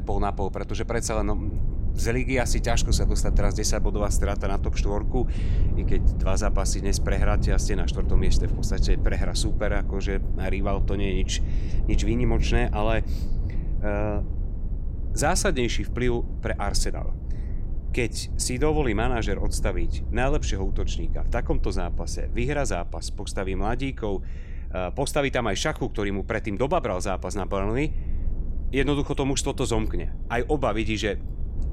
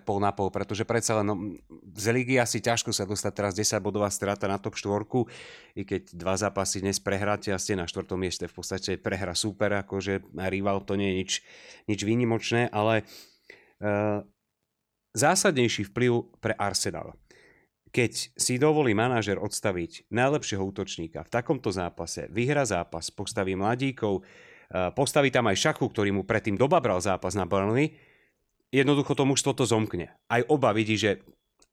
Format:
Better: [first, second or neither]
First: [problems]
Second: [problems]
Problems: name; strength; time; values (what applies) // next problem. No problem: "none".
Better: second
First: low rumble; noticeable; throughout; 15 dB below the speech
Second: none